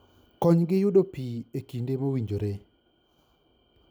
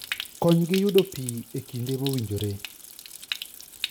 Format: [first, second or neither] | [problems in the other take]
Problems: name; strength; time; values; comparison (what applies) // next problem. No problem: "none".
first | background sound (Stream); 10 dB below the speech